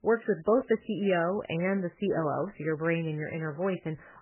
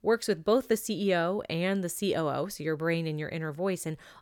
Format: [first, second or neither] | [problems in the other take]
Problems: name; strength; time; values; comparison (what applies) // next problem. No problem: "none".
second | garbled, watery; badly; nothing above 3 kHz